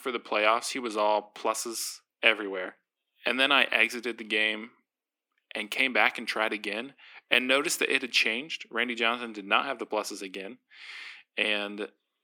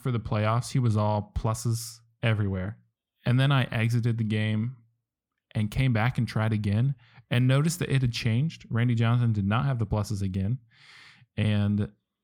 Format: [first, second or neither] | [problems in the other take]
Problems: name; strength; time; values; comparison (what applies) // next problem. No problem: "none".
second | thin; very; fading below 300 Hz